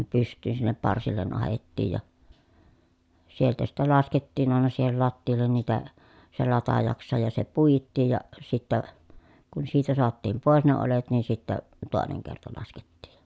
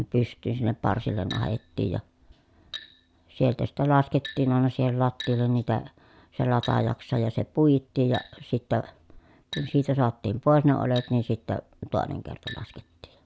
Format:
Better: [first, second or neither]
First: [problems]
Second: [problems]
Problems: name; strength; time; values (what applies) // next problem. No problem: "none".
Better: first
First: none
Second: background sound (Glass); 20 dB below the speech